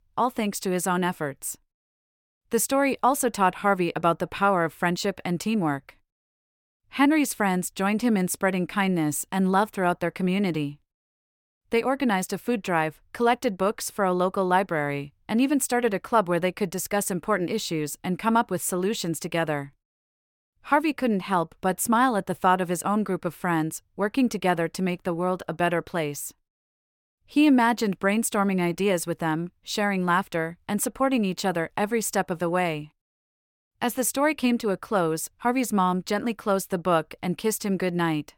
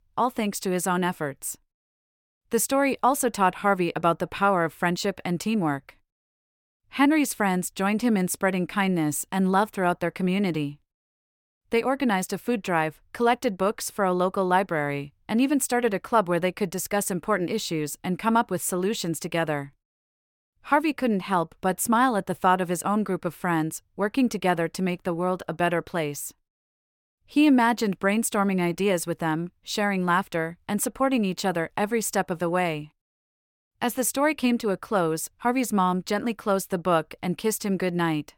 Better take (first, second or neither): neither